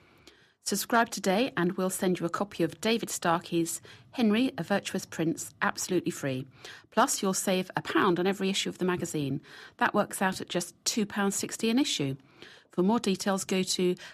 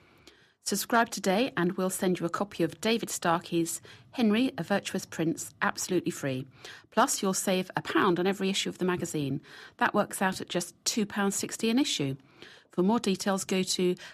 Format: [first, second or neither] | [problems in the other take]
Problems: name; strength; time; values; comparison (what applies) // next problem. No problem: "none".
neither | none